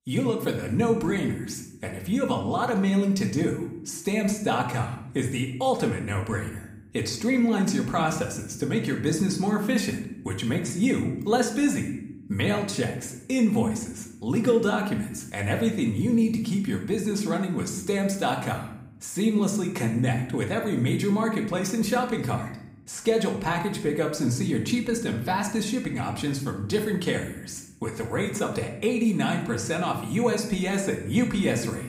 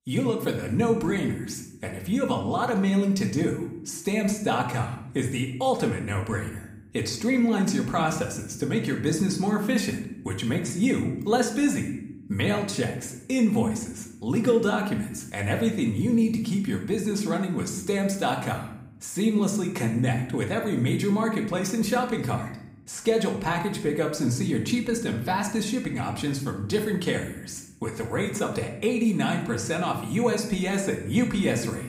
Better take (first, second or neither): neither